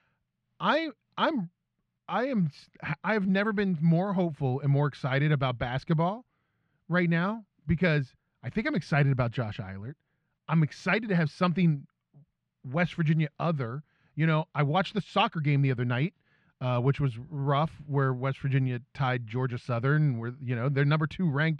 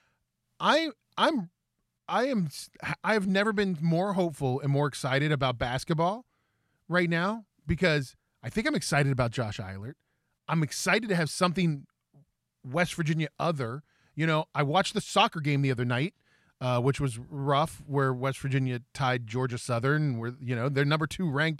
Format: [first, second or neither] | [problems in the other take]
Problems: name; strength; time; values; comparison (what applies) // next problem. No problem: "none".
second | muffled; slightly; fading above 2.5 kHz